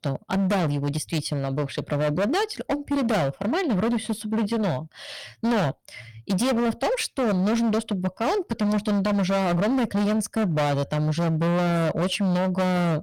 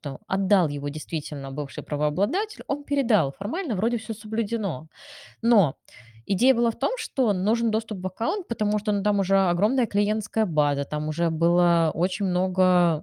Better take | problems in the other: second | distortion; heavy; 27% of the sound clipped

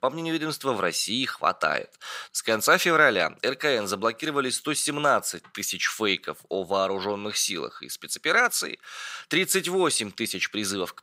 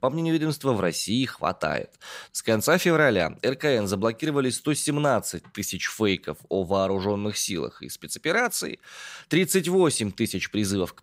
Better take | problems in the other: second | thin; somewhat; fading below 500 Hz

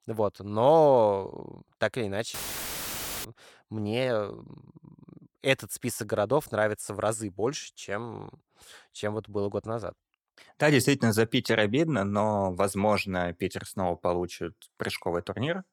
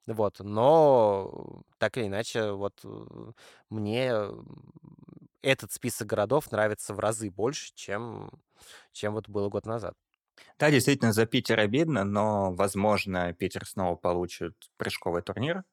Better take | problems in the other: second | audio cutting out; filled with static; at 2.5 s for 1 s

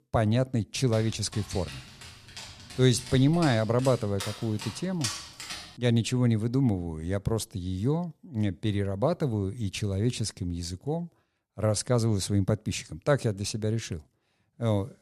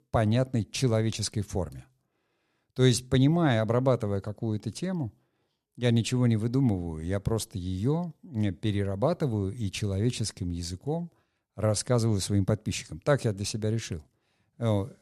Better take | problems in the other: second | dog barking; noticeable; from 1 to 5.5 s; peak 5 dB below the speech

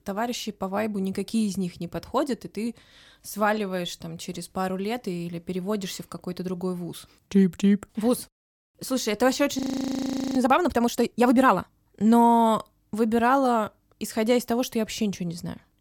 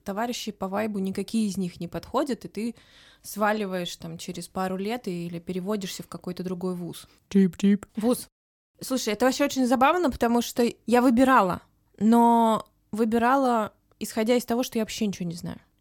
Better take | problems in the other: second | audio freezing; at 9.5 s for 1 s

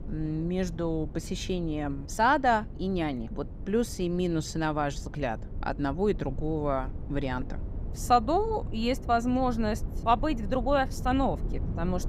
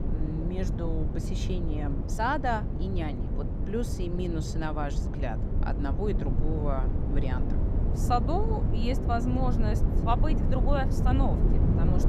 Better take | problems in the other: first | low rumble; loud; throughout; 6 dB below the speech; faint in the first

